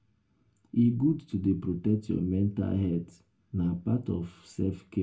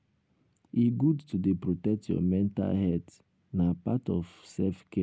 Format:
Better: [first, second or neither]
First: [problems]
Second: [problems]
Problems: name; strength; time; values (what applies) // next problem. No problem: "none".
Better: second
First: room echo; dies away in 0.2 s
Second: none